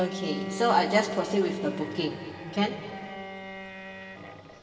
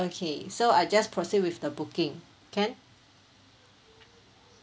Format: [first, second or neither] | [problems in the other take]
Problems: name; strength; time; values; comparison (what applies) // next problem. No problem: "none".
second | background sound (Bowed string instrument); 8 dB below the speech // room echo; dies away in 2.7 s